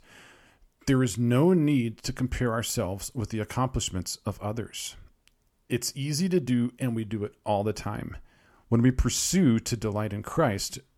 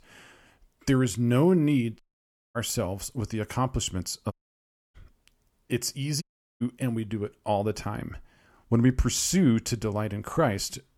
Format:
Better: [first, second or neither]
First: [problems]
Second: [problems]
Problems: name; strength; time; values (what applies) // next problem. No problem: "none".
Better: first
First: none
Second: audio cutting out; at 2 s for 0.5 s, at 4.5 s for 0.5 s and at 6 s